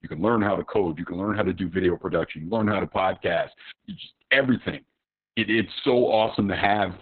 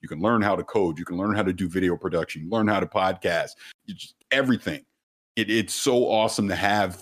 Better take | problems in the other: second | garbled, watery; badly; nothing above 4 kHz

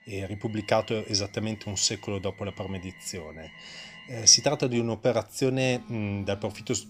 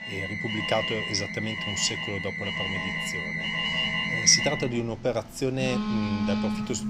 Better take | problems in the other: first | alarms or sirens; loud; throughout; 1 dB below the speech; faint in the first

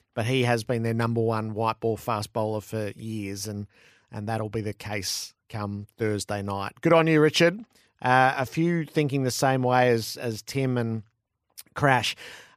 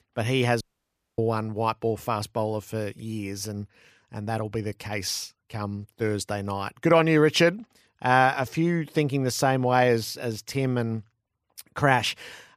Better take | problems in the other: first | audio cutting out; at 0.5 s for 0.5 s

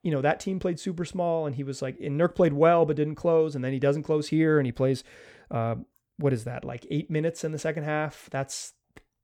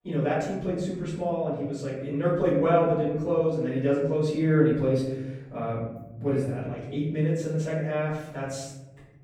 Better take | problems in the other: first | off-mic speech; far // room echo; noticeable; dies away in 1.1 s

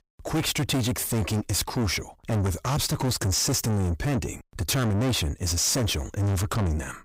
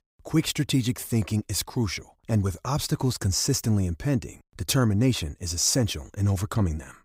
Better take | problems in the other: second | distortion; heavy; 6 dB below the speech

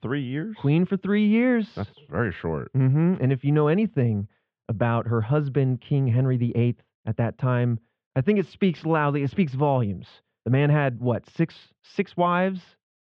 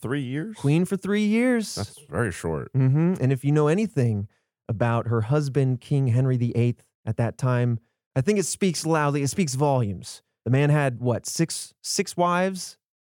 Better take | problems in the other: second | muffled; very; fading above 3.5 kHz

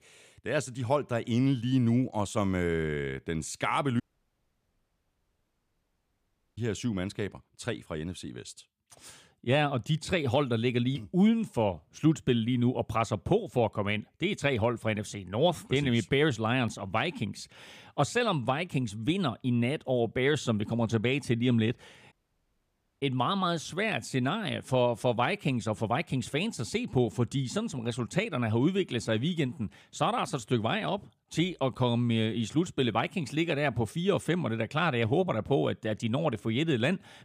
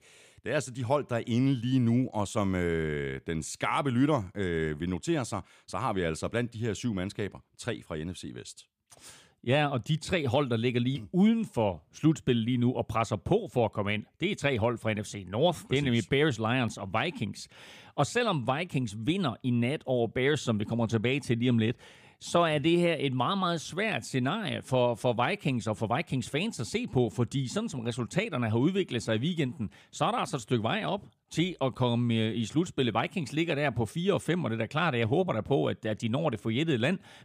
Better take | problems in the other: second | audio cutting out; at 4 s for 2.5 s and at 22 s for 1 s

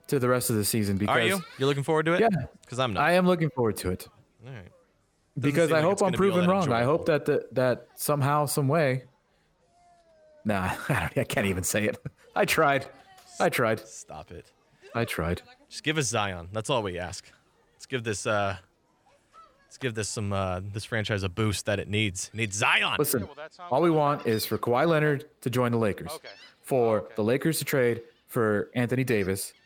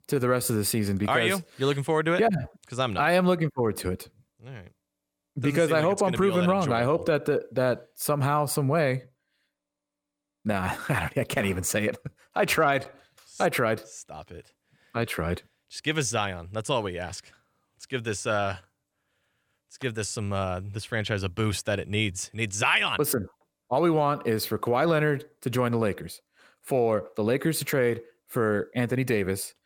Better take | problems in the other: second | animal sounds; faint; throughout; 25 dB below the speech

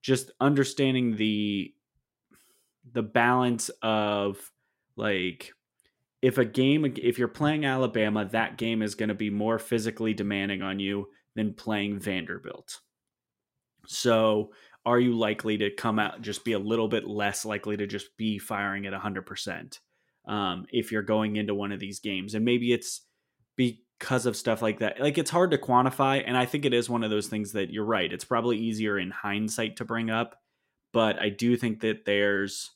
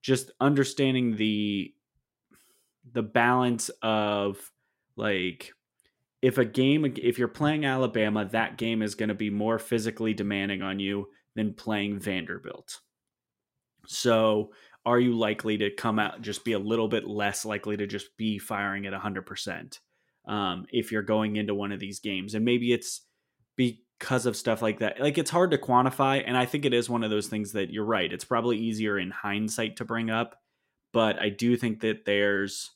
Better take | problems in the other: neither | none

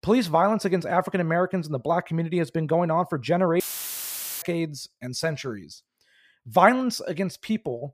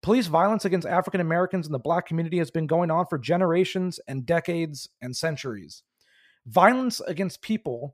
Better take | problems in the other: second | audio cutting out; filled with static; at 3.5 s for 1 s

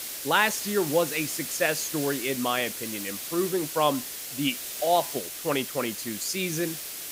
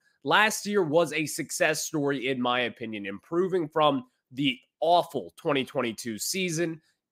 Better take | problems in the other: second | hiss; loud; throughout; 5 dB below the speech

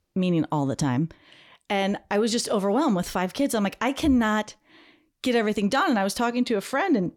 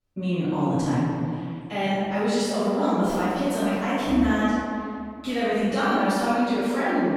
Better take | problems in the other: first | off-mic speech; far // room echo; strong; dies away in 2.2 s

